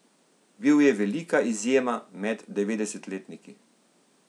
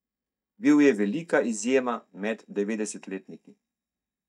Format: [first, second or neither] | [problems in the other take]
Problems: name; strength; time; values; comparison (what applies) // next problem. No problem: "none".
first | noise reduction (neural mask model DeepFilterNet 3)